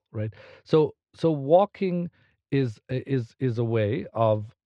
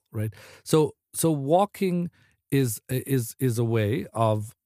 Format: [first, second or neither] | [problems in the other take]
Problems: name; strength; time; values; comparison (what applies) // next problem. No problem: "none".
second | muffled; slightly; fading above 4 kHz